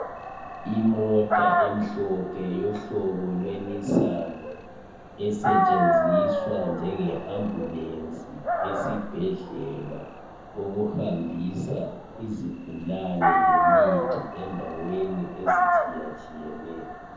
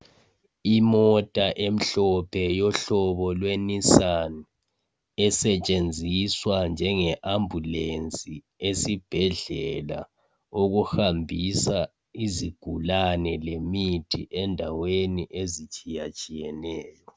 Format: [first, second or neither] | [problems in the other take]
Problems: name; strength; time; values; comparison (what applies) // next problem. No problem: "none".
second | background sound (Dog); 2 dB above the speech // room echo; dies away in 0.7 s